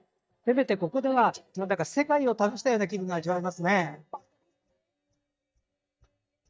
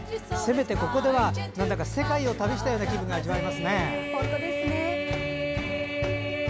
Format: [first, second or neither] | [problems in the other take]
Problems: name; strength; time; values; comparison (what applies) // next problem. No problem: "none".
second | noise reduction (neural mask model DeepFilterNet 3)